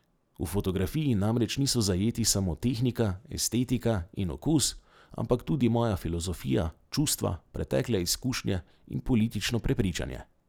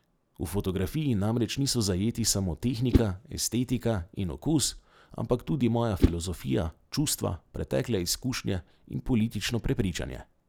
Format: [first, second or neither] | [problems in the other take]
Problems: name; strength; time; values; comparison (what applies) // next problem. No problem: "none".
first | background sound (Whoosh, swoosh, swish); 4 dB below the speech